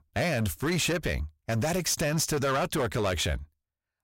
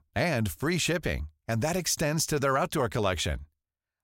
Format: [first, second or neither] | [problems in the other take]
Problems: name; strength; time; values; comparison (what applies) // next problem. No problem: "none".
second | distortion; slight; 13% of the sound clipped